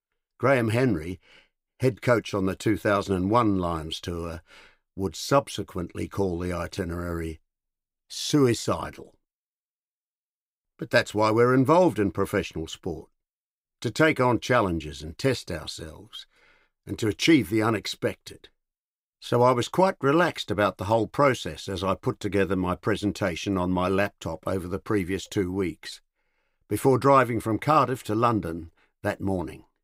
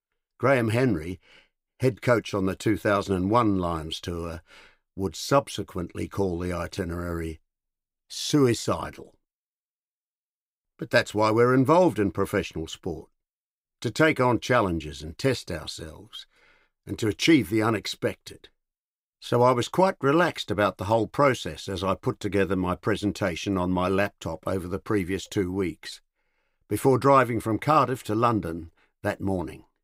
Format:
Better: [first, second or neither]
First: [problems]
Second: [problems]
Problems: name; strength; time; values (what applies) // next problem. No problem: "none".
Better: neither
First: none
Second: none